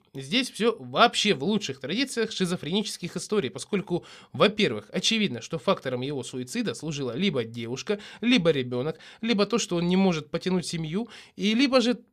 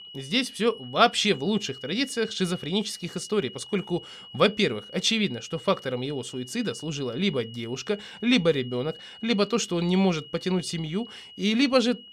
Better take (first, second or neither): first